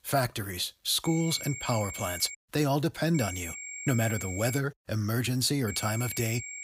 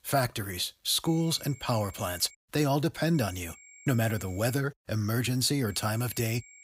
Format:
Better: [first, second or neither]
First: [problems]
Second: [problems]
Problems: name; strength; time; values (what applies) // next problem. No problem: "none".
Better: second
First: high-pitched whine; loud; from 1 to 2.5 s, from 3 to 4.5 s and at 5.5 s; 7.5 kHz, 9 dB below the speech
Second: high-pitched whine; faint; from 1 to 2.5 s, from 3 to 4.5 s and at 5.5 s; 7.5 kHz, 20 dB below the speech